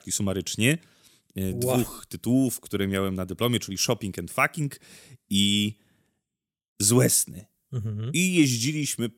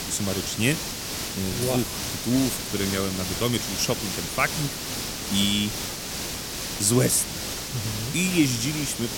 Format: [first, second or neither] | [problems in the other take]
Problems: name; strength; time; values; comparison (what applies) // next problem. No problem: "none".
first | hiss; loud; throughout; 4 dB below the speech